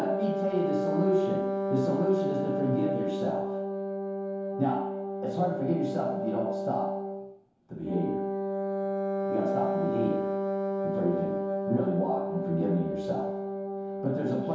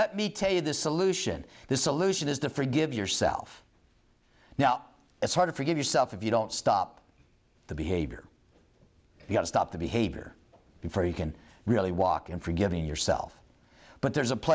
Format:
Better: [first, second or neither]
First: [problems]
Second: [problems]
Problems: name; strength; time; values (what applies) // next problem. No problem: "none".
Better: second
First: background sound (Wind instrument, woodwind instrument); as loud as the speech // room echo; dies away in 0.8 s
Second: none